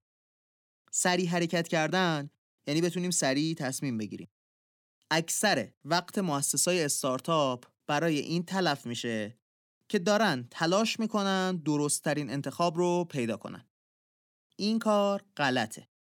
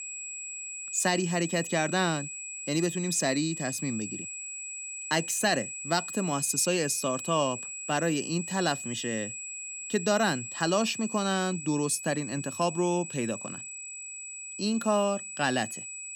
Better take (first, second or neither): first